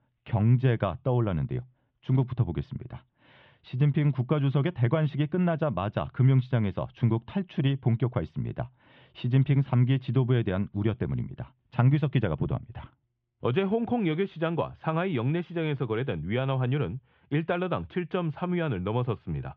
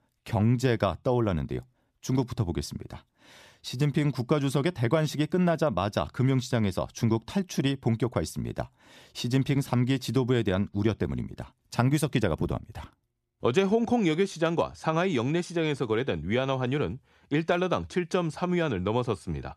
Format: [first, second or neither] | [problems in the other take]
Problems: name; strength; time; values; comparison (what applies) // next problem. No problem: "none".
second | muffled; very; fading above 3 kHz